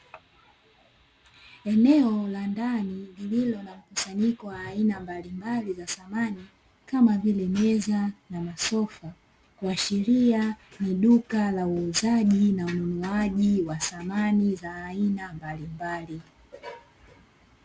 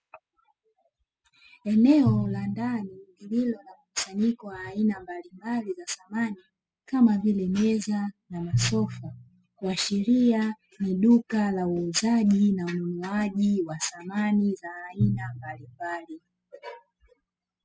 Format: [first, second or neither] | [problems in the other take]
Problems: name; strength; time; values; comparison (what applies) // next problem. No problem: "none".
first | noise reduction (classical method spectral subtraction)